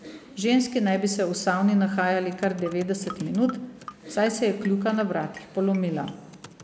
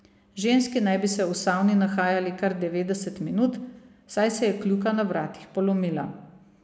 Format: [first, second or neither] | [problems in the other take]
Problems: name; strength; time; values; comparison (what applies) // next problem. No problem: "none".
second | background sound (Marimba, xylophone + Computer keyboard); 19 dB below the speech